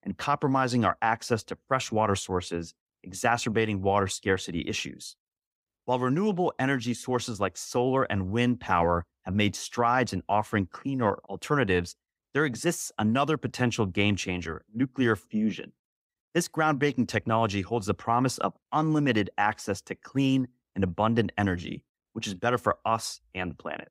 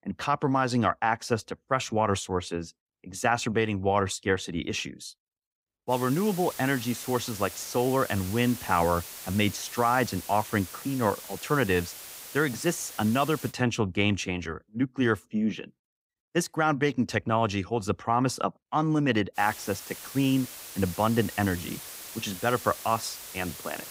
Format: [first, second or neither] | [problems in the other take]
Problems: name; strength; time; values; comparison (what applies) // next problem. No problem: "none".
first | hiss; noticeable; from 6 to 14 s and from 19 s on; 10 dB below the speech